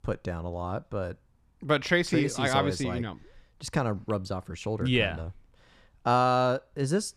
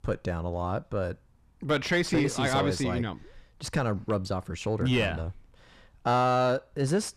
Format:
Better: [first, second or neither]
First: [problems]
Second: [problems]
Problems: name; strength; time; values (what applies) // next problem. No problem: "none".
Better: first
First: none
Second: distortion; slight; 10 dB below the speech